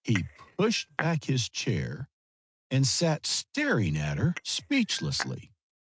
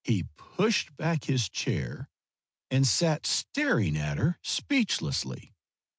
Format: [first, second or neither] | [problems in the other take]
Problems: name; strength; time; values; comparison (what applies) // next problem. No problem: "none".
second | noise reduction (neural mask model RNNoise)